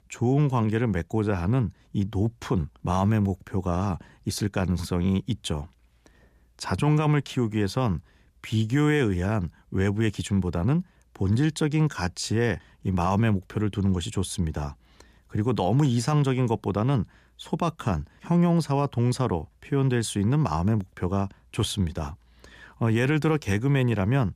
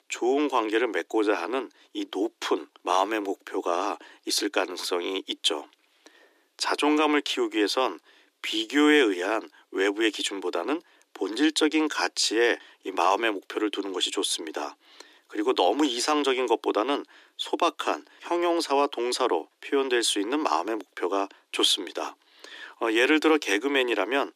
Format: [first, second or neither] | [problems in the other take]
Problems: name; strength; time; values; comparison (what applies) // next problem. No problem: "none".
first | thin; very; fading below 300 Hz